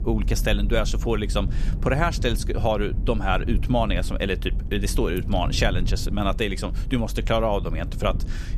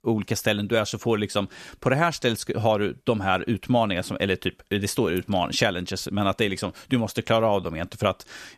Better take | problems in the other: second | low rumble; noticeable; throughout; 15 dB below the speech

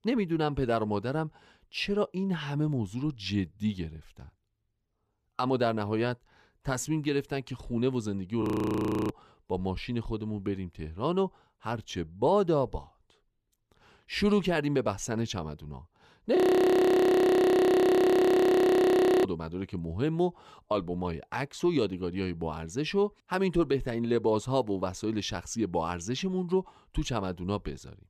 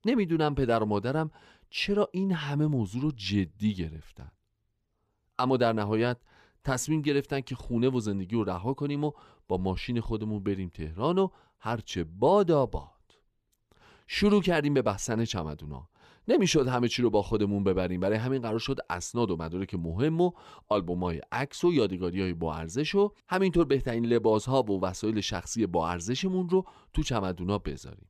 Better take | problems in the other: second | audio freezing; at 8.5 s for 0.5 s and at 16 s for 3 s

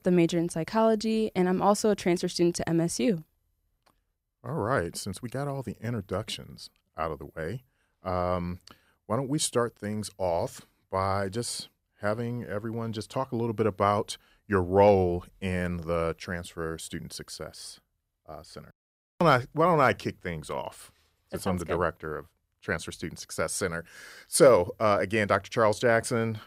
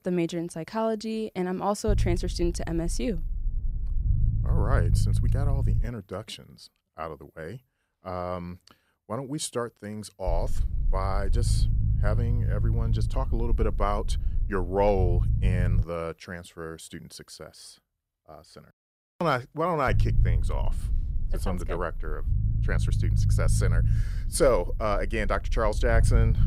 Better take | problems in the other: first | low rumble; noticeable; from 2 to 6 s, from 10 to 16 s and from 20 s on; 10 dB below the speech

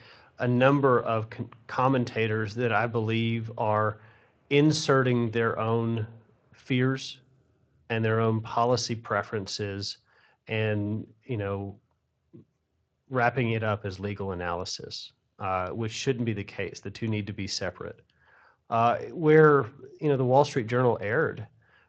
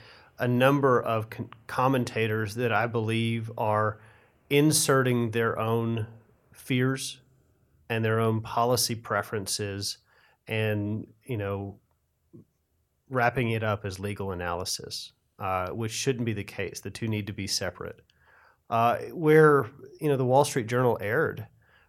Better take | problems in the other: second | garbled, watery; slightly

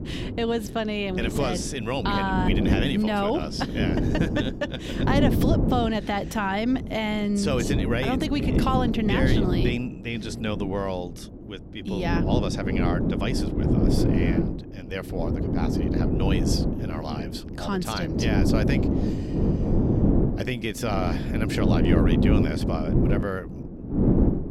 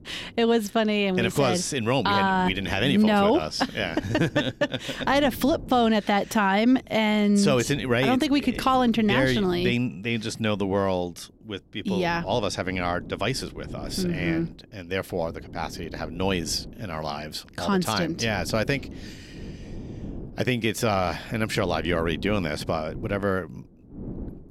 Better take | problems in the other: second | wind noise on the microphone; heavy; 2 dB below the speech; occasional gusts in the second

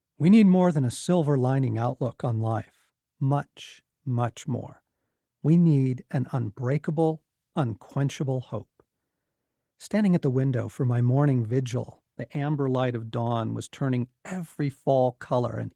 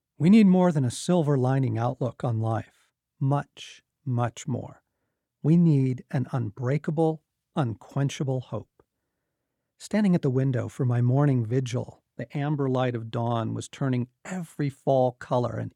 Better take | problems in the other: second | garbled, watery; slightly

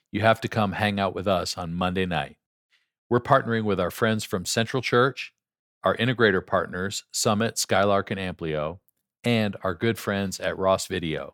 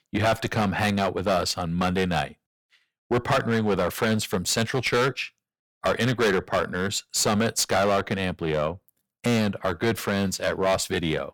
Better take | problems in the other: first | distortion; heavy; 9% of the sound clipped

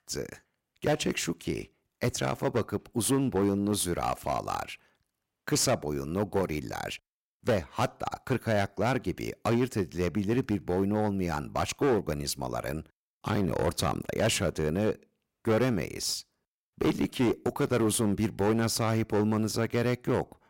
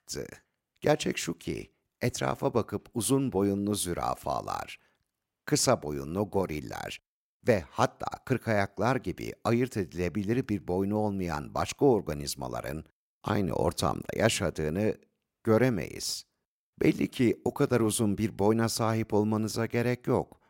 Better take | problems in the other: second | distortion; slight; 8% of the sound clipped

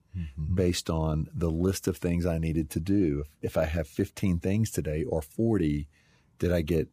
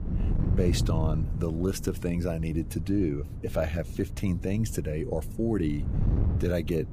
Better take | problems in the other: first | wind noise on the microphone; occasional gusts; 10 dB below the speech

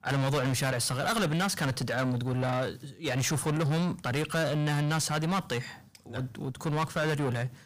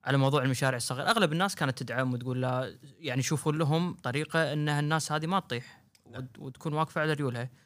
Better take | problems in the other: second | distortion; heavy; 5 dB below the speech

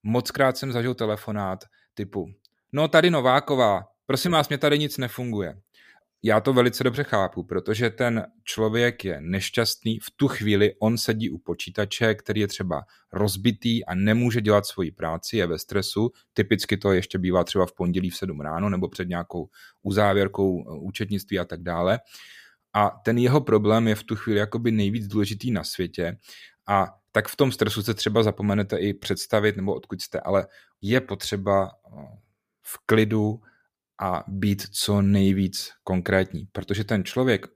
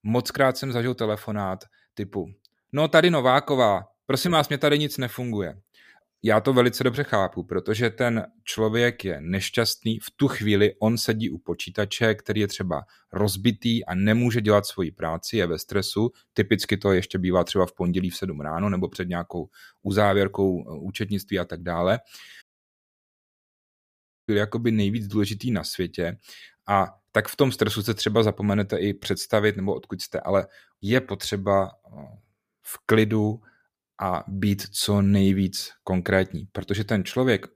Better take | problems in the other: first | audio cutting out; at 22 s for 2 s

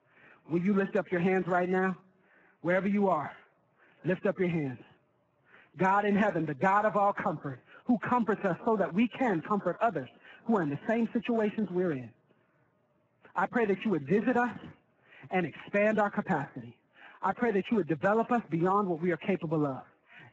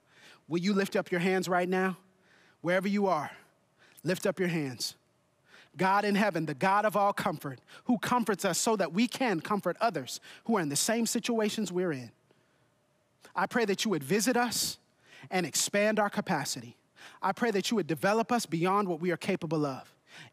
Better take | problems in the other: second | garbled, watery; badly; nothing above 7.5 kHz

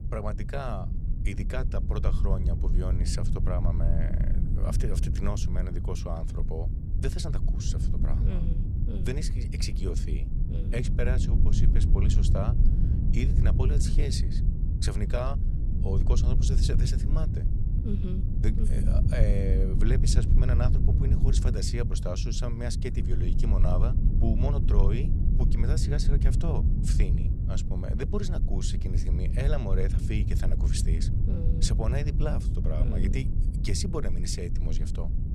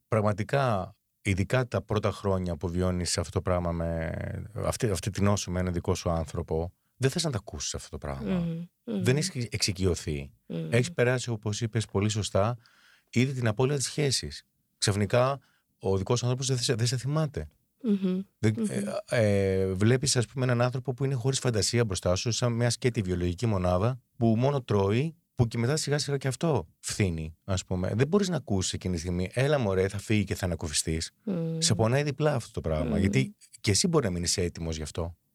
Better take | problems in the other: second | low rumble; loud; throughout; 4 dB below the speech

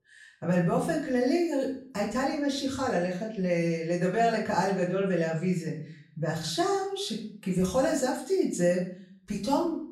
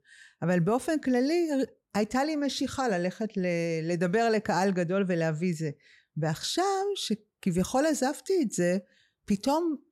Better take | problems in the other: second | off-mic speech; far // room echo; slight; dies away in 0.4 s

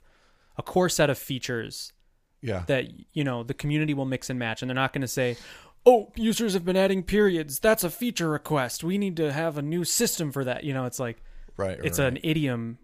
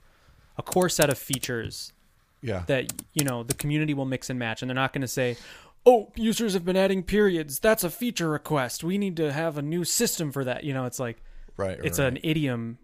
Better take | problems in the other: first | keyboard typing; noticeable; from 0.5 to 3.5 s; peak 3 dB below the speech

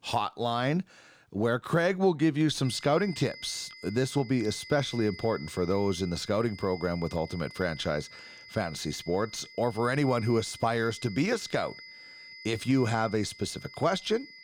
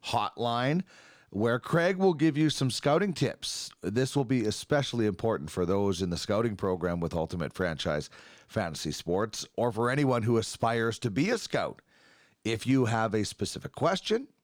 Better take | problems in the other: second | high-pitched whine; noticeable; from 2.5 s on; 2 kHz, 15 dB below the speech

